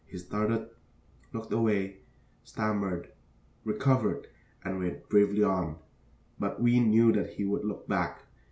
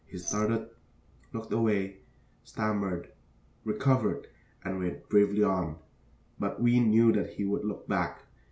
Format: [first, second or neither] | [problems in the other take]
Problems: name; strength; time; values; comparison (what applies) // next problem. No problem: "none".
first | background sound (Glass); 9 dB below the speech